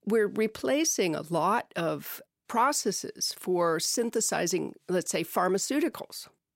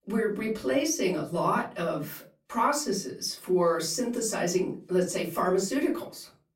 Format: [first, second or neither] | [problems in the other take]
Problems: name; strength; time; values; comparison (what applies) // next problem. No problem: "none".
first | off-mic speech; far // room echo; slight; dies away in 0.3 s